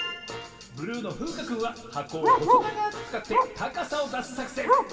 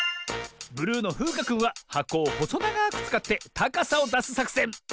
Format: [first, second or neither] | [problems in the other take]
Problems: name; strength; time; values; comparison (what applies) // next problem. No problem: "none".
second | background sound (Bark); 4 dB above the speech // room echo; dies away in 2.4 s